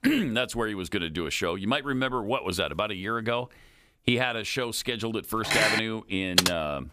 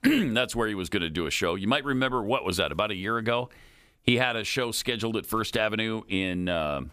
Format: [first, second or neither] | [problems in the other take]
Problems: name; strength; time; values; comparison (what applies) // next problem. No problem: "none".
second | clattering dishes; loud; at 5.5 s; peak 5 dB above the speech // keyboard typing; loud; at 6.5 s; peak 5 dB above the speech